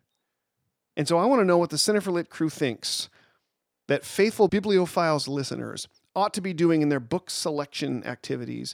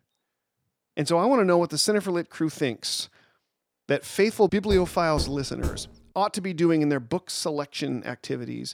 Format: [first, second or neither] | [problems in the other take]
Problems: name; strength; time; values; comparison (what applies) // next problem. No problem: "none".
first | door banging; noticeable; from 4.5 to 6 s; peak 9 dB below the speech